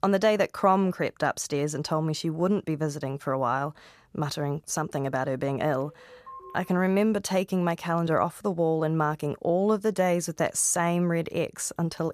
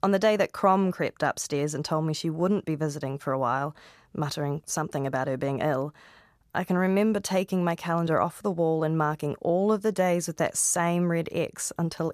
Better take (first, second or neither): second